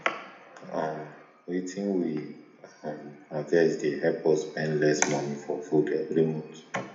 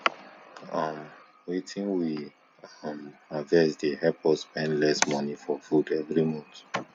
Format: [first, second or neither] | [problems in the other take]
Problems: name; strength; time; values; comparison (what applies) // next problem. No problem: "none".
second | room echo; dies away in 0.8 s